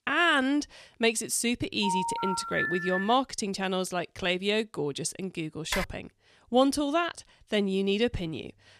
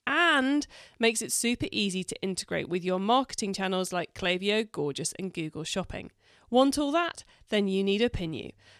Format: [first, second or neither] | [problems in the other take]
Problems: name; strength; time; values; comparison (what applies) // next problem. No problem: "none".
second | phone ringing; noticeable; from 2 to 3 s; peak 1 dB below the speech // keyboard typing; noticeable; at 5.5 s; peak 6 dB below the speech